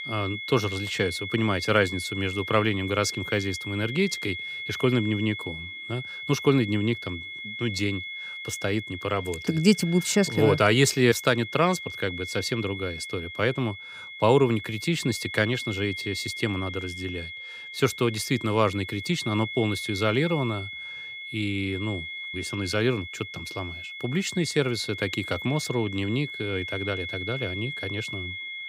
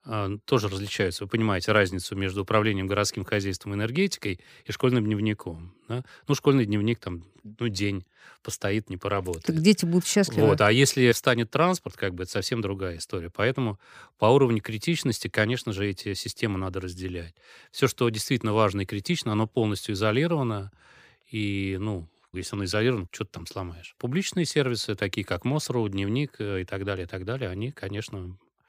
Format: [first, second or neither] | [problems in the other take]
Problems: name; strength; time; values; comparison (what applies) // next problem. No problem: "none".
second | high-pitched whine; loud; throughout; 2 kHz, 8 dB below the speech